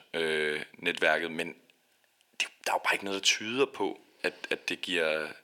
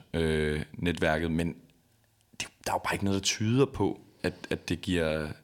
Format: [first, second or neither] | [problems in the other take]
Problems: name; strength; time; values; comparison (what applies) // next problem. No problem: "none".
second | thin; somewhat; fading below 450 Hz